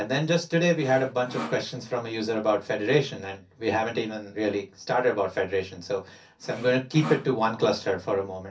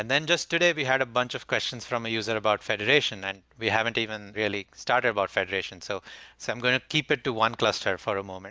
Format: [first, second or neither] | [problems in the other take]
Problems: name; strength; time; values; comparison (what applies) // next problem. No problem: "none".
second | background sound (Sawing); 12 dB below the speech // room echo; dies away in 0.3 s